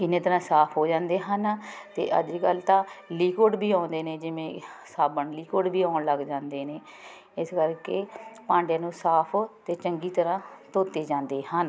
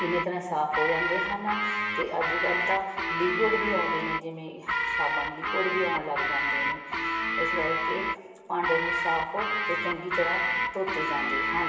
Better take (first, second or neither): first